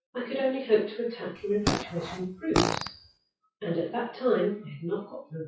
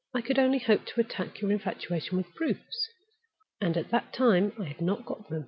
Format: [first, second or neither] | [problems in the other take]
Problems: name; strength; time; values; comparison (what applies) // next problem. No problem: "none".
second | noise reduction (classical method WPE with log-MMSE)